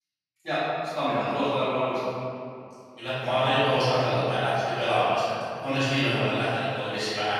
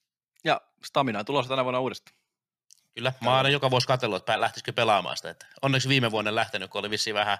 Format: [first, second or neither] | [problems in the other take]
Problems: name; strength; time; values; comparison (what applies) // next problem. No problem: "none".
second | off-mic speech; far // room echo; strong; dies away in 2.3 s